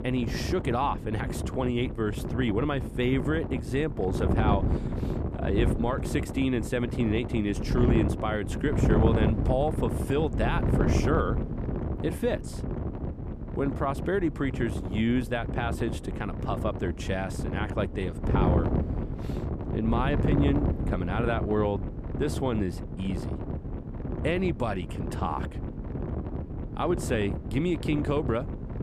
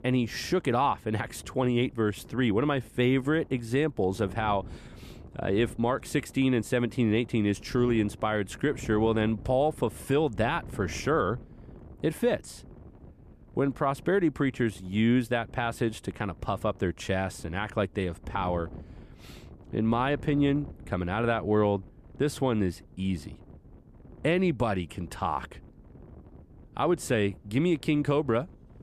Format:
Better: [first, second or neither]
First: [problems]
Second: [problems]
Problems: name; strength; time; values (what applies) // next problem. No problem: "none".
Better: second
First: wind noise on the microphone; heavy; 6 dB below the speech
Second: wind noise on the microphone; occasional gusts; 25 dB below the speech